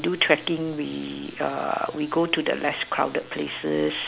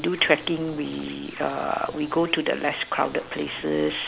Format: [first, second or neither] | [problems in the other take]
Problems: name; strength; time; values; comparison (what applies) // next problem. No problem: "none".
first | background sound (Scratching (performance technique)); 19 dB below the speech